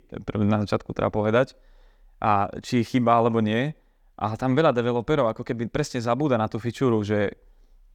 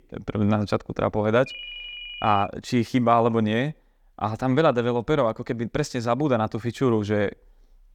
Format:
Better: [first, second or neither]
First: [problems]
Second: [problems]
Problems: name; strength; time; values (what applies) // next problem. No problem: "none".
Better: first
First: none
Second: phone ringing; faint; from 1.5 to 2.5 s; peak 10 dB below the speech